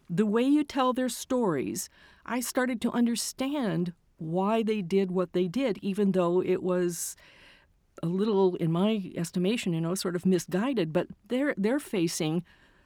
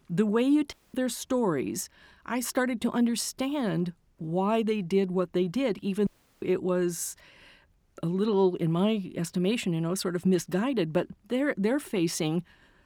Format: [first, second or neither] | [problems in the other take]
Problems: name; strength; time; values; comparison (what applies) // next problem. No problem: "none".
first | audio cutting out; at 0.5 s and at 6 s